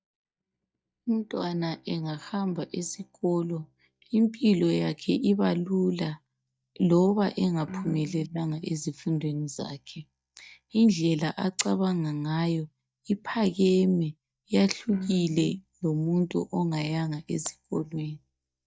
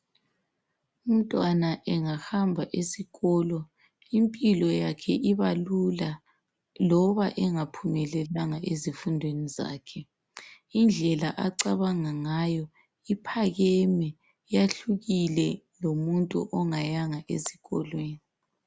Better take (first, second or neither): second